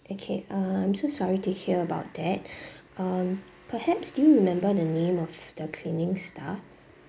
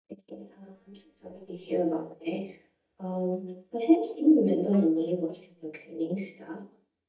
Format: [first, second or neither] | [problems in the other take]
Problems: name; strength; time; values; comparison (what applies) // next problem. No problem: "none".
first | noise reduction (neural mask model DeepFilterNet 3)